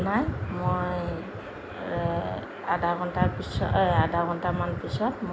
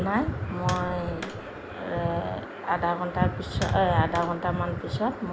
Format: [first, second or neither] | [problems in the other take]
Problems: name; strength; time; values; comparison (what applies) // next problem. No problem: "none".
first | background sound (Tap); 17 dB below the speech